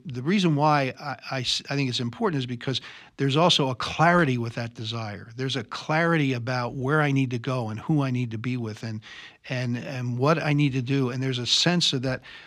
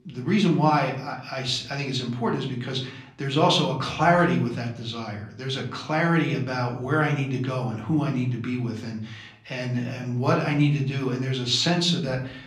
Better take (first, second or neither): first